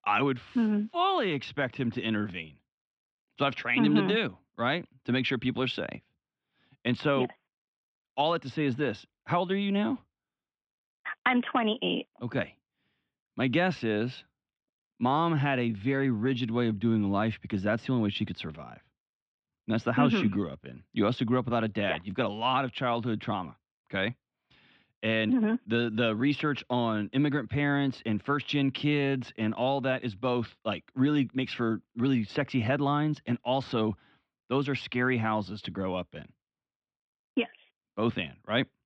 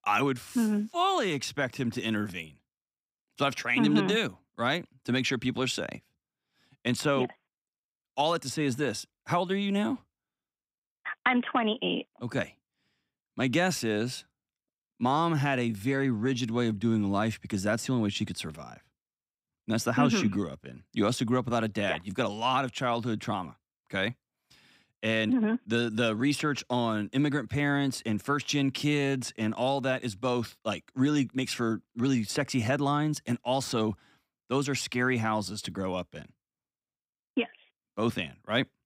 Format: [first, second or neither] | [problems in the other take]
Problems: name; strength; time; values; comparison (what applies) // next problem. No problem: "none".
second | muffled; slightly; fading above 3.5 kHz